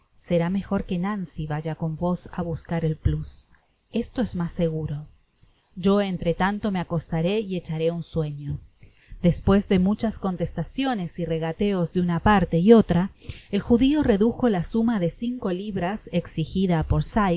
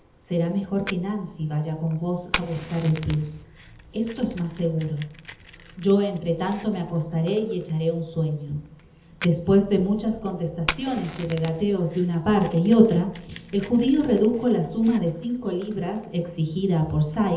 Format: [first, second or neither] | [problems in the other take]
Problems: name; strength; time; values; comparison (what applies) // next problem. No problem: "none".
first | background sound (Fire); 17 dB below the speech // room echo; dies away in 1.2 s